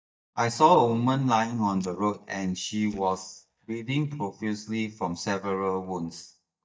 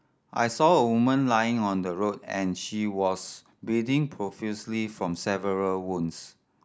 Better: second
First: noise reduction (neural mask model DeepFilterNet 3)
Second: none

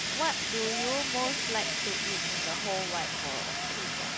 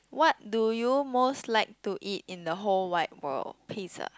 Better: second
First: background sound (Fire); 4 dB above the speech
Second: none

